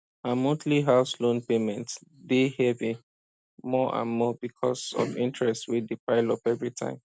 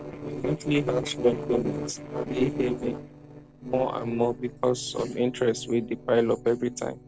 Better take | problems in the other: first | noise reduction (neural separator model SepFormer DNS4)

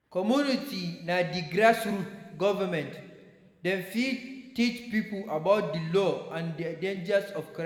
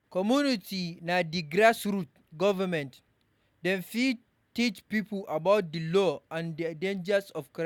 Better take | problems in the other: second | room echo; dies away in 1.3 s

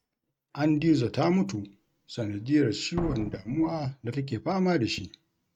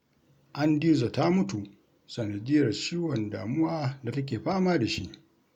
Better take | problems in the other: second | noise reduction (neural mask model RNNoise)

